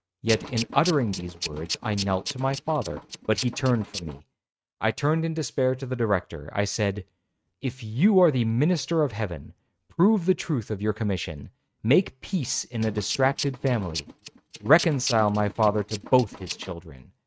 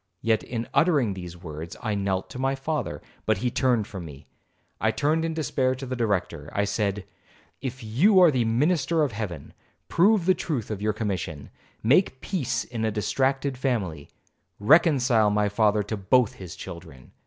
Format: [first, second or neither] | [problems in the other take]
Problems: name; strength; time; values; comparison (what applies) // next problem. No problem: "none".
second | noise reduction (neural mask model RNNoise)